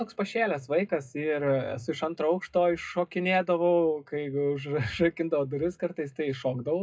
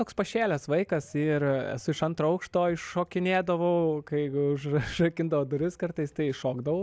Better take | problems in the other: second | noise reduction (classical method WPE with log-MMSE)

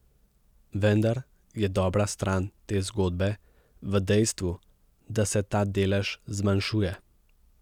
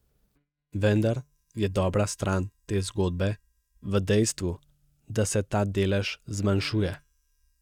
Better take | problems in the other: first | noise reduction (neural mask model DeepFilterNet 3)

